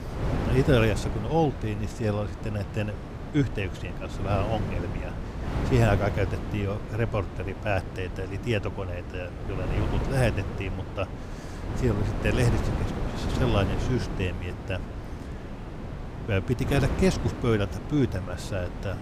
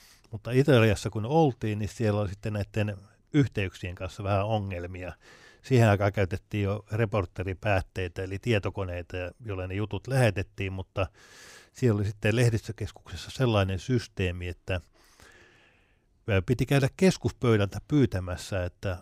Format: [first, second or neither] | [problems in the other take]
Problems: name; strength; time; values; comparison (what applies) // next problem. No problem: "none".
second | wind noise on the microphone; heavy; 7 dB below the speech